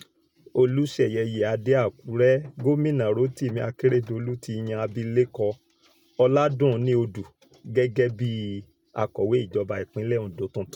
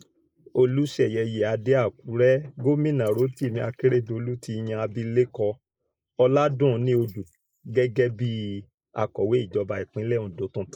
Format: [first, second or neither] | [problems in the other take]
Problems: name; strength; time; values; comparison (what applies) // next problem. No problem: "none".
first | noise reduction (neural mask model Resemble Enhance denoiser)